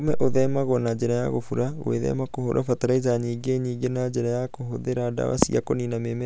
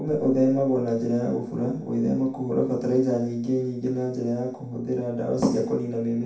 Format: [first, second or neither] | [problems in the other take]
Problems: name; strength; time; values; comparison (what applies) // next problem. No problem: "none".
first | room echo; dies away in 0.6 s